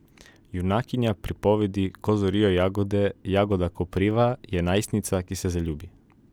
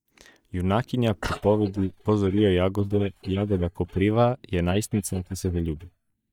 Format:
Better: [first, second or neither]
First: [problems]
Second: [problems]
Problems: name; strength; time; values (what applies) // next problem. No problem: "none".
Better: first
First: none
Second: noise reduction (neural mask model DeepFilterNet 3)